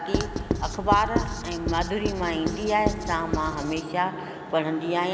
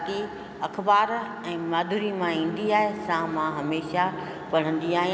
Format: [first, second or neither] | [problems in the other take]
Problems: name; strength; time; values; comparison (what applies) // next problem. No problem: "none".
second | background sound (Writing); 3 dB below the speech